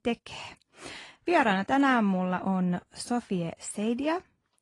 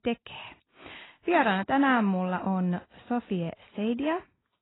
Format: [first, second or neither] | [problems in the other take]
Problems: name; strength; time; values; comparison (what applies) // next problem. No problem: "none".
first | garbled, watery; badly; nothing above 4 kHz; slightly in the first